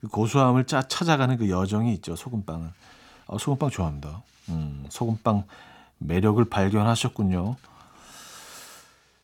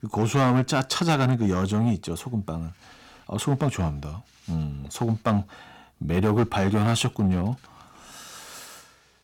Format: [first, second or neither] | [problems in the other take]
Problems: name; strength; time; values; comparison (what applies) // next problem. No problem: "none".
first | distortion; slight; 3% of the sound clipped